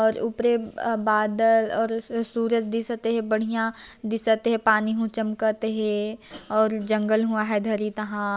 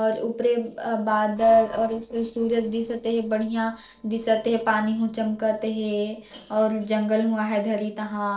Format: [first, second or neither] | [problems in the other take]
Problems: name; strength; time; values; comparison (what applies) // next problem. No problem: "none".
first | noise reduction (neural separator model SepFormer DNS4)